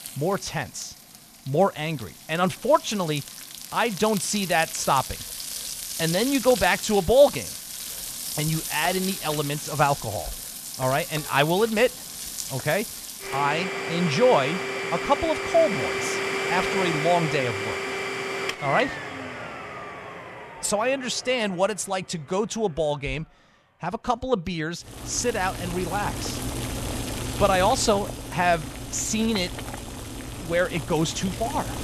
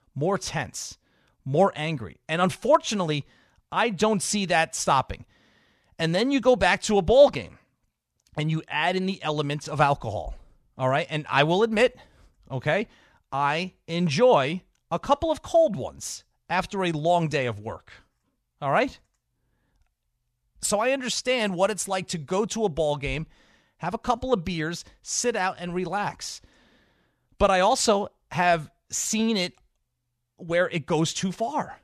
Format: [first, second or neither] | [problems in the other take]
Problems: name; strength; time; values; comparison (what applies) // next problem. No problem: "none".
second | household noises; loud; throughout; 6 dB below the speech